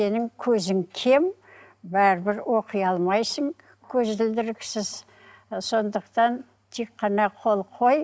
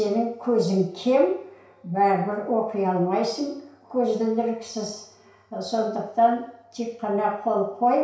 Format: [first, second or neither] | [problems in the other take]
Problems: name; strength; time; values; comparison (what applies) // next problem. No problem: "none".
first | room echo; dies away in 0.6 s